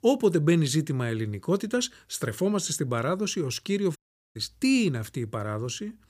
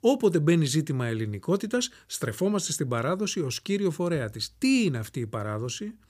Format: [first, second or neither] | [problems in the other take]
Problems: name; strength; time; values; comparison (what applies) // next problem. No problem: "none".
second | audio cutting out; at 4 s